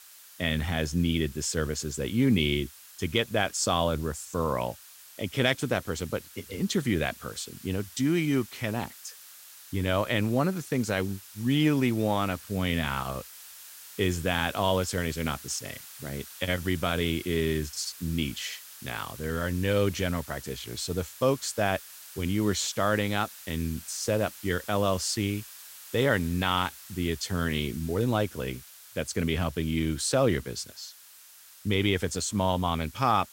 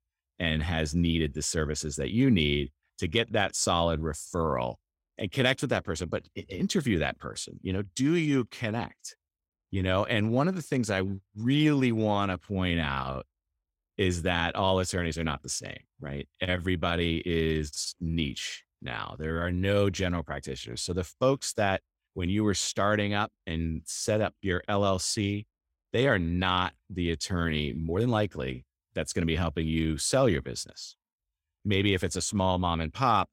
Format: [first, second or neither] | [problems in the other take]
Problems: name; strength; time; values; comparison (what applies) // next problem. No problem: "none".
second | hiss; noticeable; throughout; 15 dB below the speech